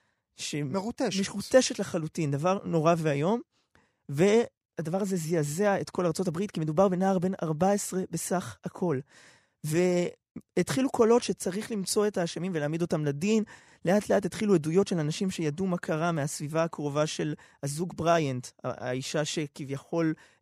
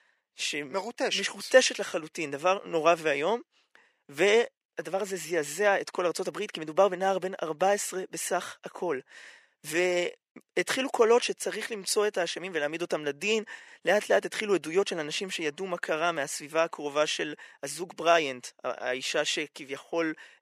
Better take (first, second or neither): first